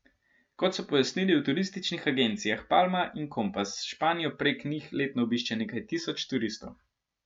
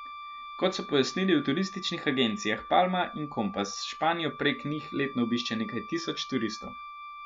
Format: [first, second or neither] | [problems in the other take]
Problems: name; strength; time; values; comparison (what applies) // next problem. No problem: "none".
first | background sound (Wind instrument, woodwind instrument); 13 dB below the speech